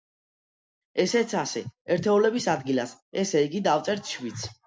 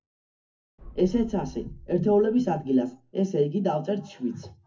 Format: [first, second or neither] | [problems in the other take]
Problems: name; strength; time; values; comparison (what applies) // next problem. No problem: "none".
first | background sound (Boom); 18 dB below the speech // room echo; dies away in 0.3 s